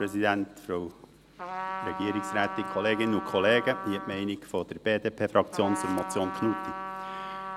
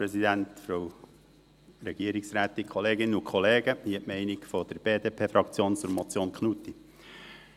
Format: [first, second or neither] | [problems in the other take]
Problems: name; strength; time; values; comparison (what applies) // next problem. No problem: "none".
second | background sound (Trumpet); 8 dB below the speech